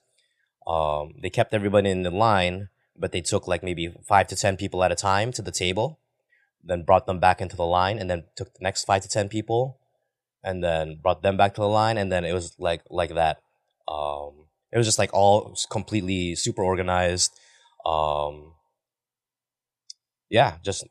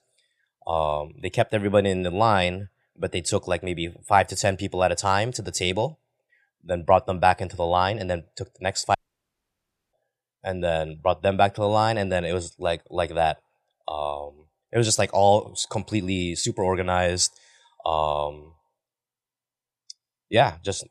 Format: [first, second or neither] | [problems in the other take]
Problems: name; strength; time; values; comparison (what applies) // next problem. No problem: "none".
first | audio cutting out; at 9 s for 1 s